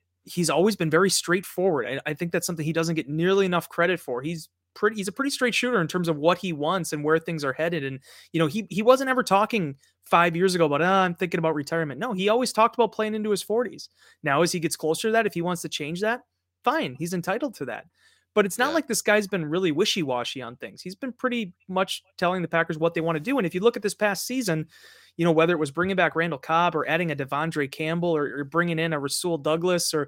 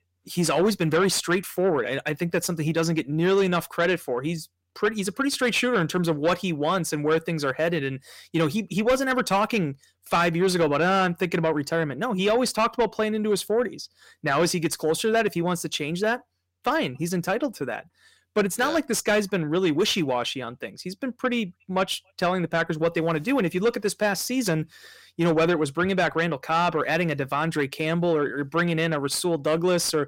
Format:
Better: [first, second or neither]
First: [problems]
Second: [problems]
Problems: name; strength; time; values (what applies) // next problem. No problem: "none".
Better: first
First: none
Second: distortion; slight; 10 dB below the speech